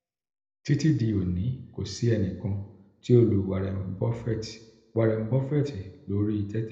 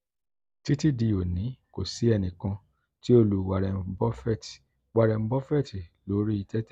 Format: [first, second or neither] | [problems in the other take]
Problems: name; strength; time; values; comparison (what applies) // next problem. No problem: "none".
second | room echo; dies away in 0.7 s